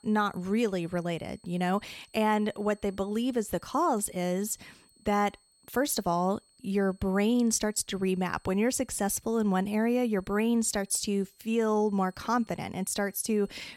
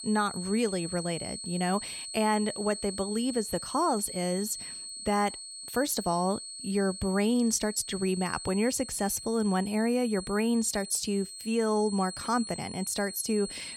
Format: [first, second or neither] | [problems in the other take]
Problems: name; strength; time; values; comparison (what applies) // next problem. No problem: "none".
first | high-pitched whine; loud; throughout; 4.5 kHz, 9 dB below the speech; faint in the first